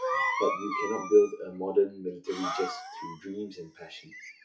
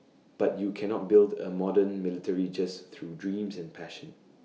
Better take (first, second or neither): second